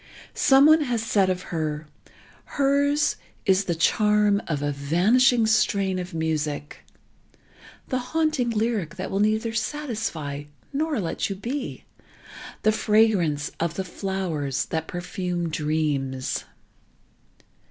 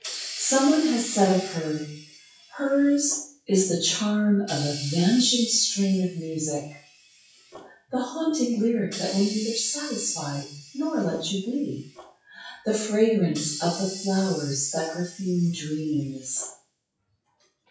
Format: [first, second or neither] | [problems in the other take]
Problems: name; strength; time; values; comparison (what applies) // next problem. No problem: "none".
first | noise reduction (classical method WPE with log-MMSE)